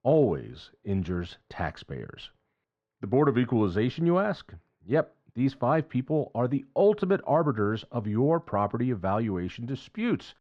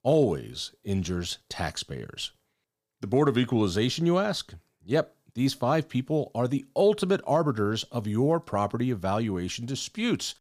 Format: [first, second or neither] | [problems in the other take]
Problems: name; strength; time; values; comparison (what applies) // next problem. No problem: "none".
second | muffled; very; fading above 1.5 kHz